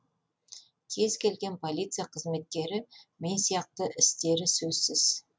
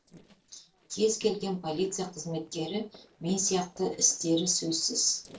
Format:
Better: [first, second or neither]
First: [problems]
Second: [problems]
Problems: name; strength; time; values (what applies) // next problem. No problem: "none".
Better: first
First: none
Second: noise reduction (neural separator model SepFormer DNS4)